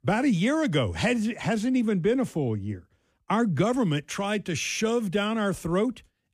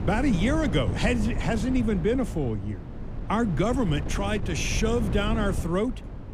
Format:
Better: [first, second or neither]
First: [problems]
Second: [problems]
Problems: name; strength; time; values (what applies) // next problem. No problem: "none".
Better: first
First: none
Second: wind noise on the microphone; occasional gusts; 10 dB below the speech